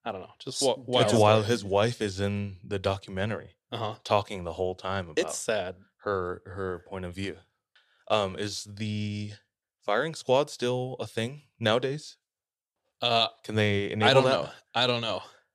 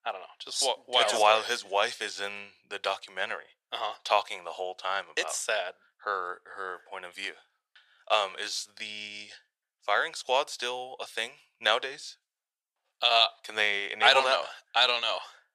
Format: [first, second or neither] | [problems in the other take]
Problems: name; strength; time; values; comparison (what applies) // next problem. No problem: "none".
first | thin; very; fading below 800 Hz